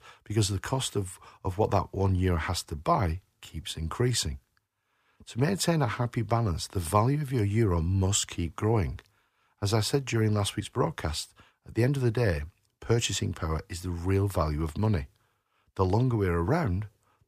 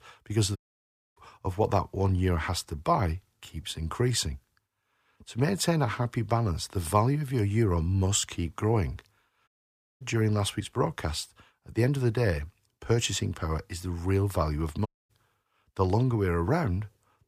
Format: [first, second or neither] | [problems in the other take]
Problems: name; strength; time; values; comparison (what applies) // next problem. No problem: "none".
first | audio cutting out; at 0.5 s for 0.5 s, at 9.5 s for 0.5 s and at 15 s